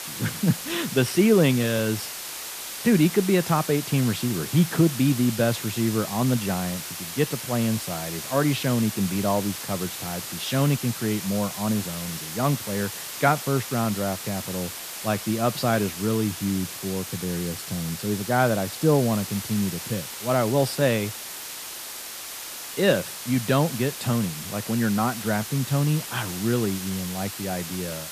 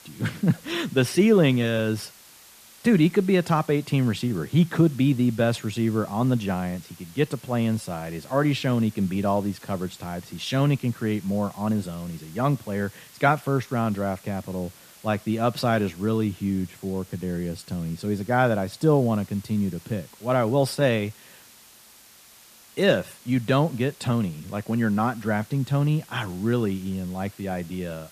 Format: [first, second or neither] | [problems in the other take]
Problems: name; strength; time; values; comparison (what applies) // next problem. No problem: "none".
second | hiss; loud; throughout; 8 dB below the speech; faint in the second